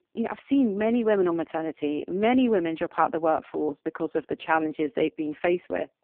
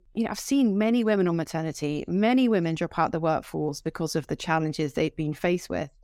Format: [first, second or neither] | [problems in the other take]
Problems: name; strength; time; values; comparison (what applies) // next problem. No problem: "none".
second | phone-call audio; poor line